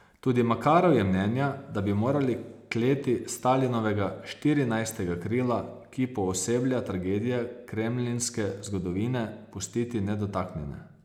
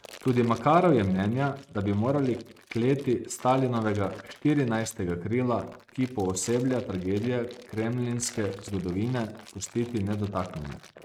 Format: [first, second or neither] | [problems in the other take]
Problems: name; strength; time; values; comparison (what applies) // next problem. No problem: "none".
first | noise reduction (neural mask model RNNoise)